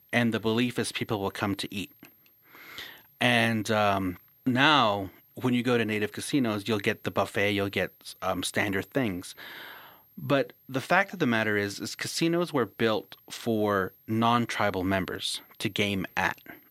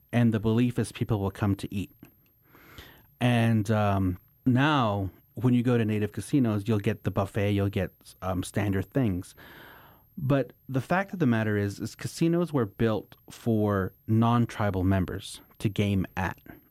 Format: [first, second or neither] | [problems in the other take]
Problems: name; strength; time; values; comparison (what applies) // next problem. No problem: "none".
second | thin; somewhat; fading below 950 Hz